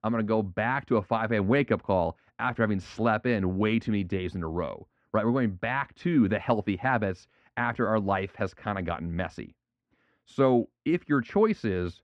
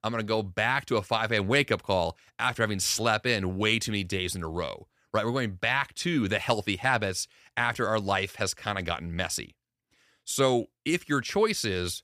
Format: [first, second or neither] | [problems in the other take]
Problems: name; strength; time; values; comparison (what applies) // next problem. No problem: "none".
second | muffled; very; fading above 1.5 kHz